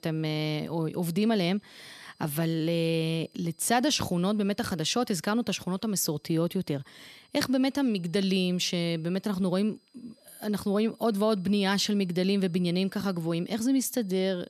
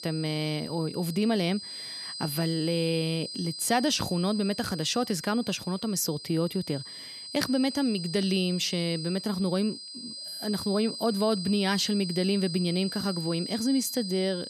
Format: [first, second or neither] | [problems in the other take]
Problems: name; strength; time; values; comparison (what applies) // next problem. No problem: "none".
first | high-pitched whine; loud; throughout; 5 kHz, 8 dB below the speech; faint in the first